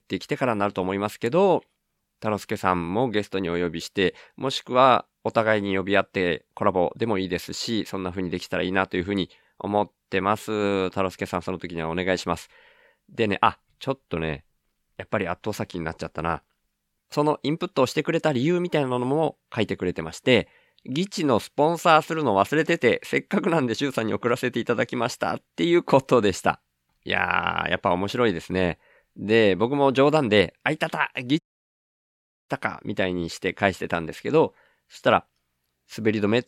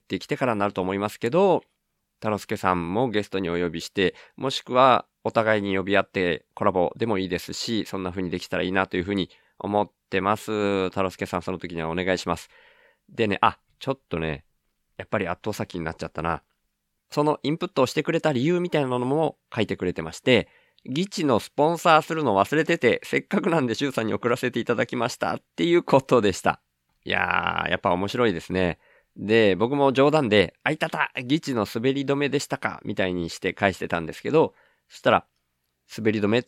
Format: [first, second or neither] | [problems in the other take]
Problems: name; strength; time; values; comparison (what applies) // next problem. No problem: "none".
second | audio cutting out; at 31 s for 1 s